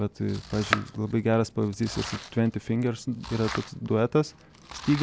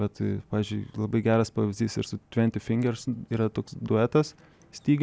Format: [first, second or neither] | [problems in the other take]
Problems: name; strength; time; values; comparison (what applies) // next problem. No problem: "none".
second | background sound (Domestic sounds, home sounds); 11 dB below the speech